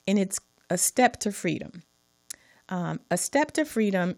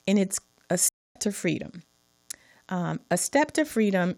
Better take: first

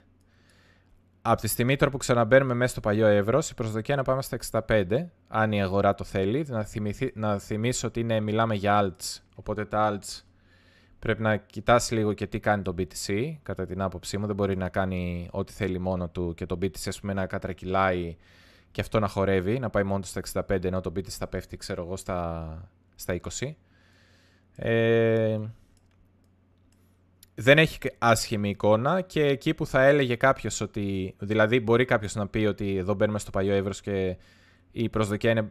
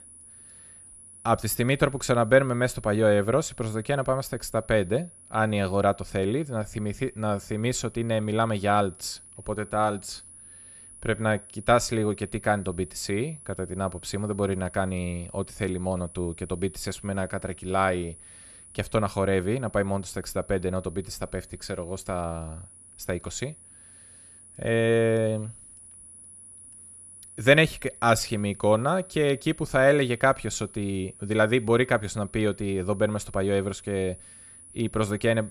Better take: first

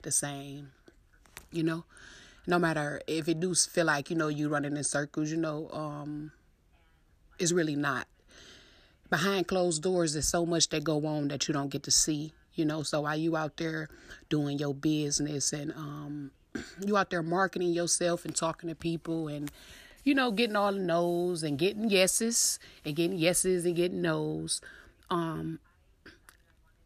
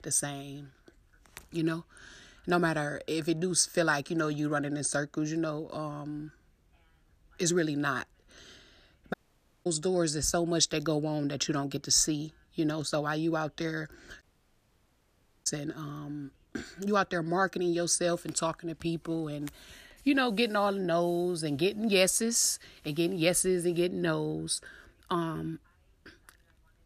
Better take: first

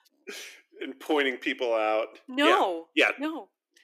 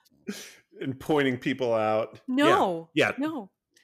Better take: second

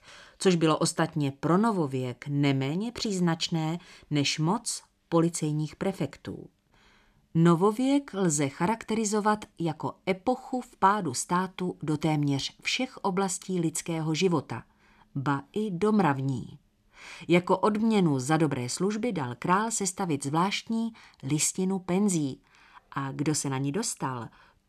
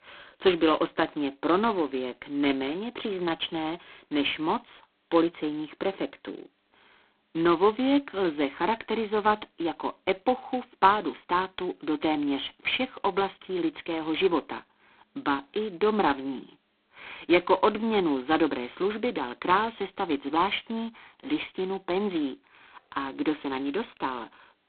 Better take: first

